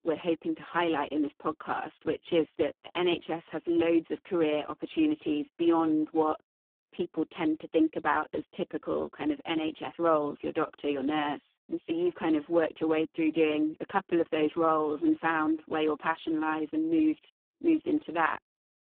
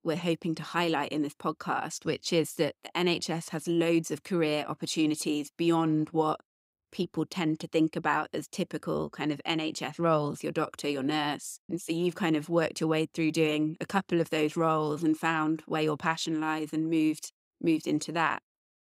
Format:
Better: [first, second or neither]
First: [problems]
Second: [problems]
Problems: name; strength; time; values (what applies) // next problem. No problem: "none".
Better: second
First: phone-call audio; poor line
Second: none